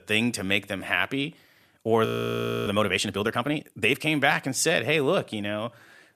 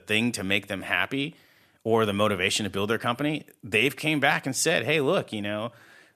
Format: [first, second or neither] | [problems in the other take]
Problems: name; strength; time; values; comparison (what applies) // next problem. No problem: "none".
second | audio freezing; at 2 s for 0.5 s